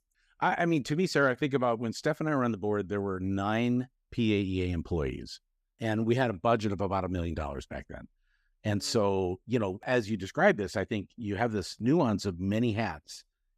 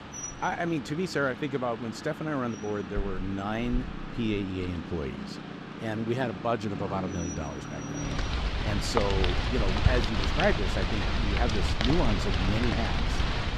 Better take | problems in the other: first | rain or running water; loud; throughout; as loud as the speech

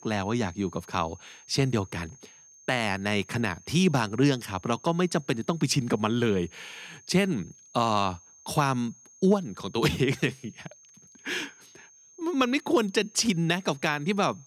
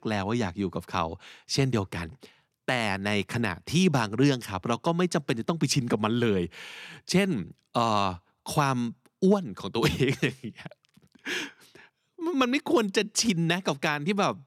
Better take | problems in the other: second | high-pitched whine; faint; throughout; 6.5 kHz, 25 dB below the speech

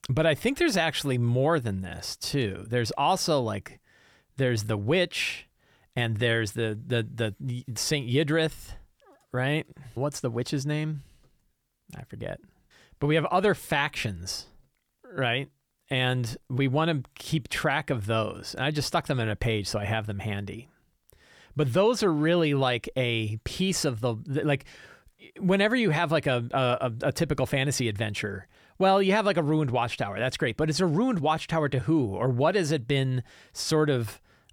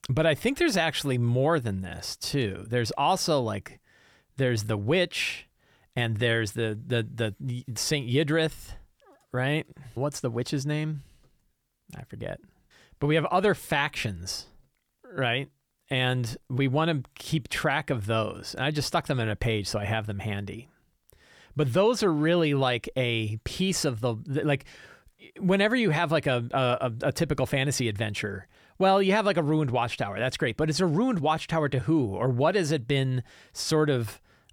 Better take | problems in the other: neither | none

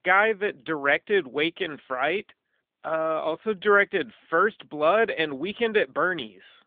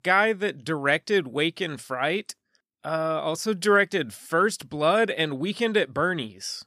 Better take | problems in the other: second | phone-call audio; nothing above 3.5 kHz

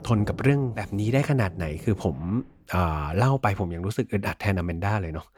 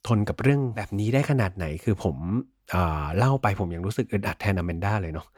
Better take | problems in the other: second | rain or running water; noticeable; until 2.5 s; 15 dB below the speech

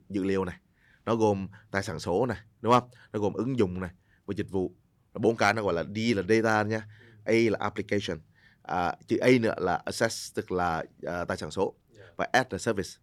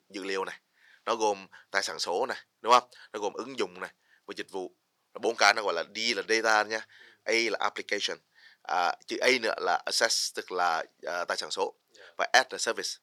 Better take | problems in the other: first | thin; very; fading below 650 Hz

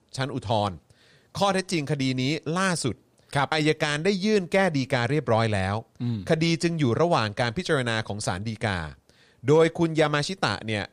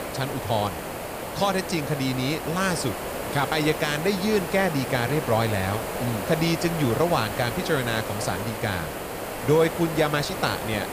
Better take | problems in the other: first | hiss; loud; throughout; 6 dB below the speech

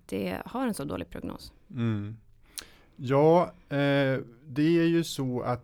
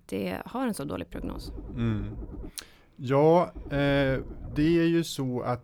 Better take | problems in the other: first | low rumble; faint; from 1 to 2.5 s and from 3.5 to 5 s; 20 dB below the speech

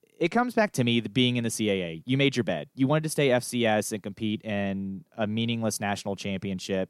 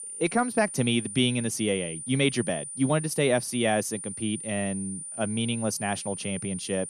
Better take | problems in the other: first | high-pitched whine; loud; throughout; 9.5 kHz, 8 dB below the speech

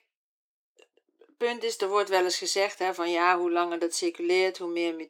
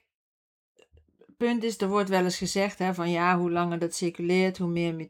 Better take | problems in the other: second | thin; very; fading below 300 Hz

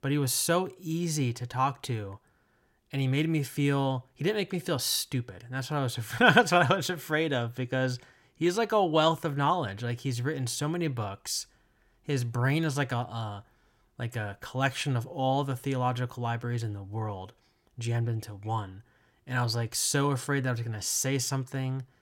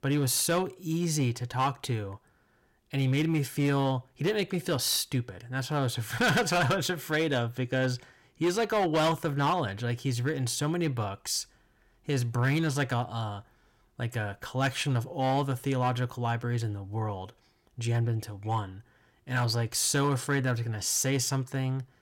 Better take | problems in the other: first | distortion; slight; 5% of the sound clipped

